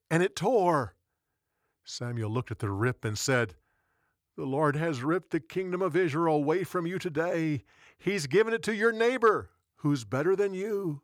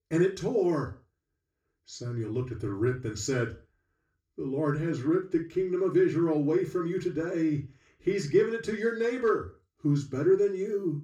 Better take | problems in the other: first | room echo; very slight; dies away in 0.3 s // off-mic speech; far

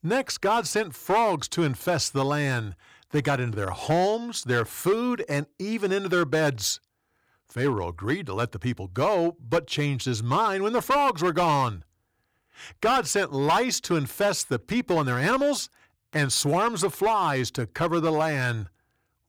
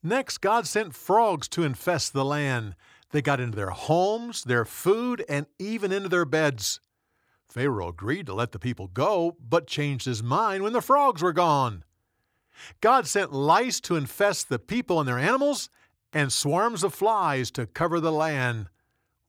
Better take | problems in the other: second | distortion; slight; 5% of the sound clipped

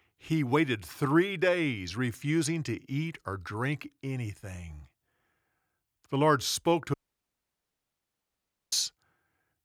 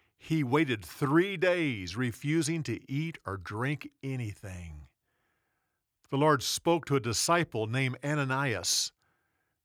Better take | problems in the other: second | audio cutting out; at 7 s for 2 s

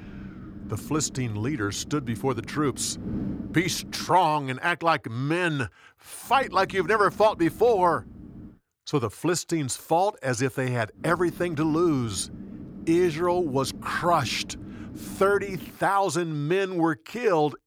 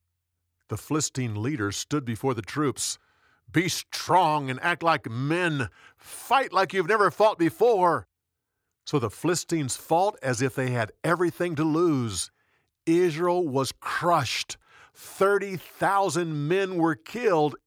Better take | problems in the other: second | wind noise on the microphone; occasional gusts; until 4 s, from 6.5 to 8.5 s and from 11 to 16 s; 20 dB below the speech

